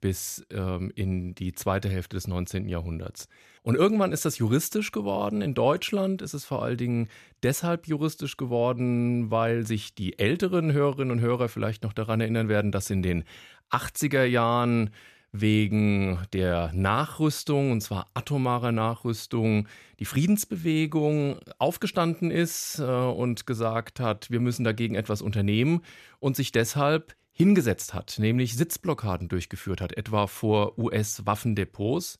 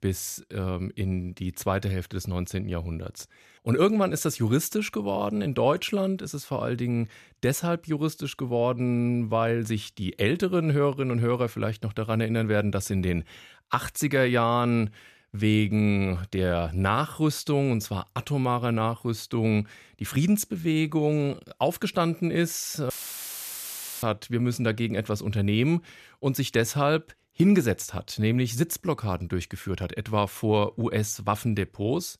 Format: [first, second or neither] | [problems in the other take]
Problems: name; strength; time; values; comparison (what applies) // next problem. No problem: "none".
first | audio cutting out; filled with static; at 23 s for 1 s